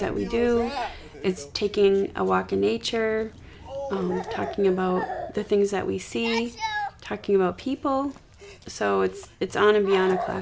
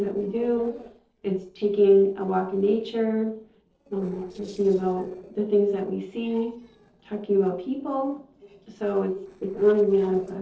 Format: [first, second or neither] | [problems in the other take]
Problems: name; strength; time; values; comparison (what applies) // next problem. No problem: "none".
first | noise reduction (neural separator model SepFormer DNS4)